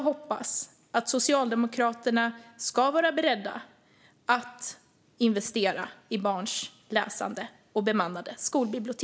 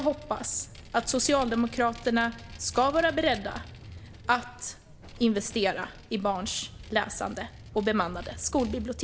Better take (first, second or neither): first